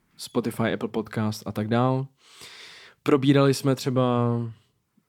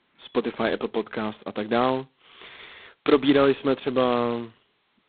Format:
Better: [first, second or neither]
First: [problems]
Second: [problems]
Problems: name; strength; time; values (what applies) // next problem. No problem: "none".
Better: first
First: none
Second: phone-call audio; poor line; nothing above 4 kHz